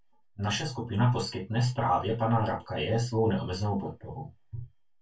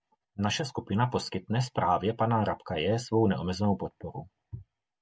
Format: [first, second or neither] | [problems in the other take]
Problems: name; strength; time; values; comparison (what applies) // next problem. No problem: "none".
second | room echo; dies away in 0.2 s